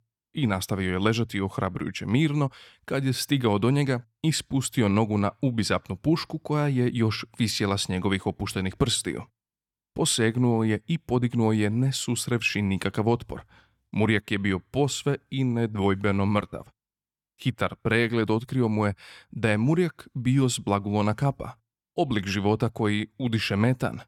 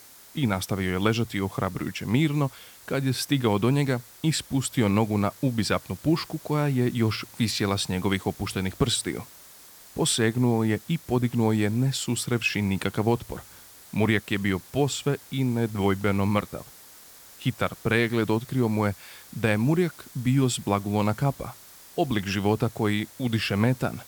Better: first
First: none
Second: hiss; faint; throughout; 20 dB below the speech

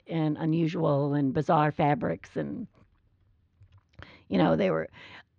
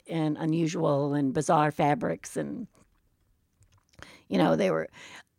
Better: second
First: muffled; slightly; fading above 4 kHz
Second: none

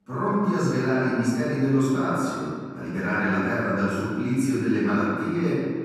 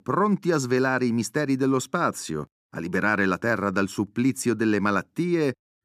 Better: second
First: off-mic speech; far // room echo; strong; dies away in 1.9 s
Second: none

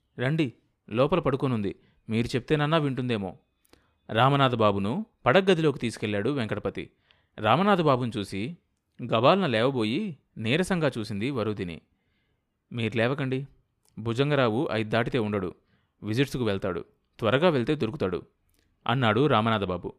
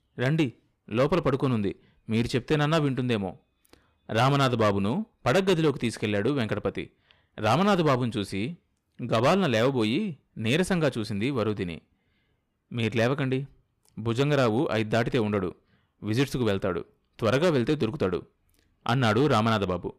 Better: first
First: none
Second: distortion; slight; 4% of the sound clipped

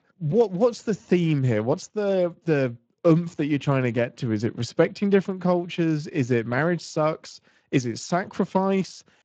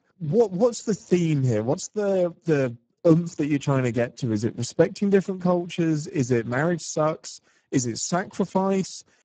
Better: first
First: garbled, watery; slightly; nothing above 7.5 kHz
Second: garbled, watery; badly; nothing above 7.5 kHz

